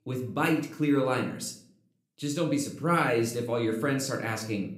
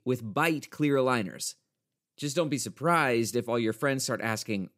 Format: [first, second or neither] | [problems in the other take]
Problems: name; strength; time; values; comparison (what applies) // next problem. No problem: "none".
second | room echo; slight; dies away in 0.4 s // off-mic speech; somewhat distant